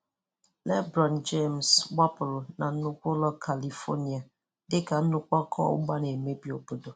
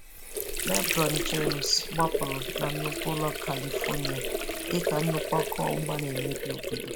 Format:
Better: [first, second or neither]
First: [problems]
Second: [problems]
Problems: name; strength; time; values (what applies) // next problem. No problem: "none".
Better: first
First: none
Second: background sound (Sink (filling or washing) / Water); as loud as the speech